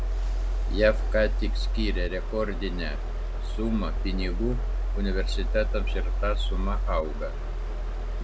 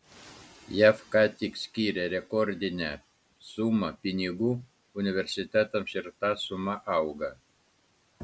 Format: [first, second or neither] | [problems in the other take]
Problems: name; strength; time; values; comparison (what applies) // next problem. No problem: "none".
second | background sound (Mechanisms); 4 dB above the speech